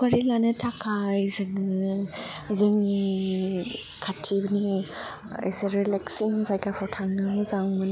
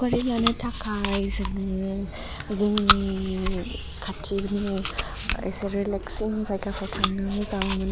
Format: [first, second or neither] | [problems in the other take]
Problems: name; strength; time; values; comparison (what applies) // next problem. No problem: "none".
first | background sound (Chewing, mastication); 3 dB below the speech